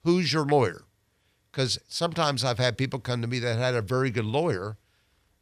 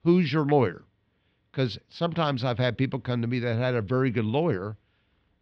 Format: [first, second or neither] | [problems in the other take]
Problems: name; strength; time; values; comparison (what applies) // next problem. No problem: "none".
first | muffled; slightly; fading above 3.5 kHz